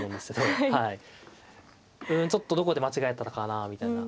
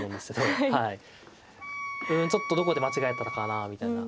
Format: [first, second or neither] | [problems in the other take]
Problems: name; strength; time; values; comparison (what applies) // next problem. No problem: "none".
first | background sound (Wind instrument, woodwind instrument); 8 dB below the speech